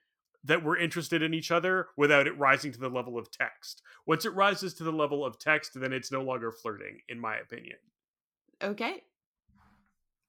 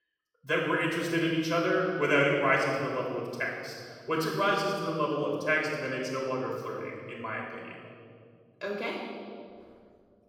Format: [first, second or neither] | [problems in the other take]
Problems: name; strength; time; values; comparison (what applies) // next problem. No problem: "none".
first | off-mic speech; far // room echo; noticeable; dies away in 2.2 s